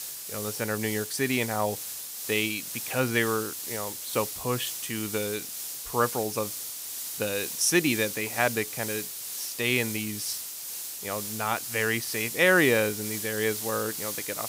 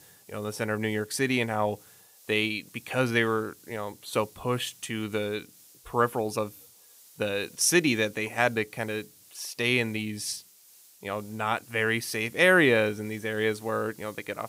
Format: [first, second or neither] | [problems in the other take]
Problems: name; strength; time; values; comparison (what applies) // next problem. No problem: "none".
second | hiss; loud; throughout; 5 dB below the speech; faint in the second